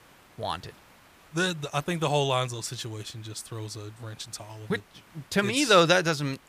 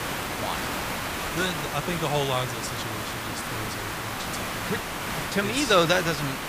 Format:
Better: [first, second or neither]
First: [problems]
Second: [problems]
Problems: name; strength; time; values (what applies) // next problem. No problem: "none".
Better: first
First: hiss; faint; throughout; 30 dB below the speech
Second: hiss; loud; throughout; 3 dB below the speech